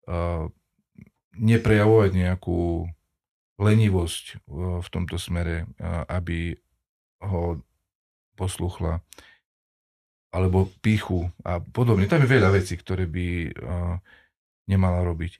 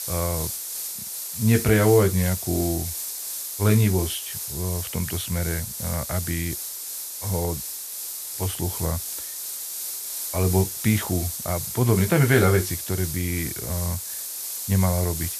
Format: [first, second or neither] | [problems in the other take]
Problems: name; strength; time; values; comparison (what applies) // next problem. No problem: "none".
first | hiss; loud; throughout; 5 dB below the speech